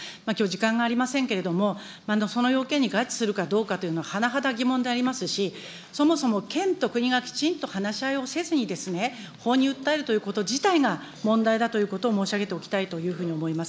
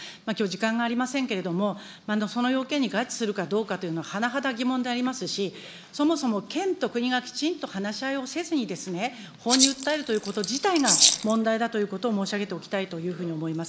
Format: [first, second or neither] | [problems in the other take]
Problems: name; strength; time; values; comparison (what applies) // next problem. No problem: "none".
first | noise reduction (neural mask model Resemble Enhance denoiser)